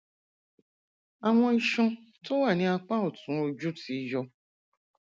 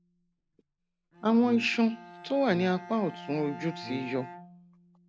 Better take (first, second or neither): first